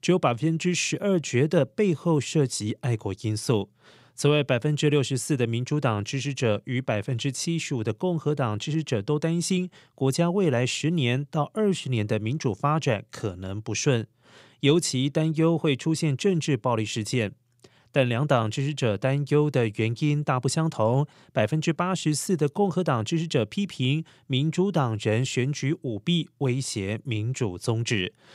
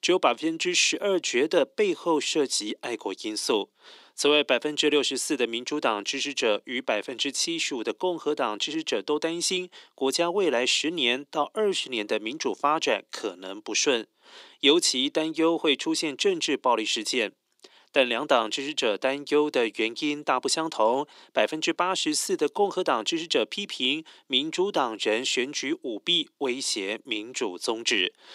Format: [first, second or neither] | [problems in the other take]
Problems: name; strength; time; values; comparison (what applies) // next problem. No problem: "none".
first | thin; somewhat; fading below 250 Hz